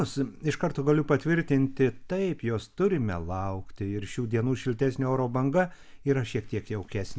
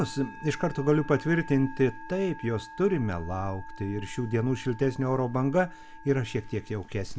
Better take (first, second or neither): first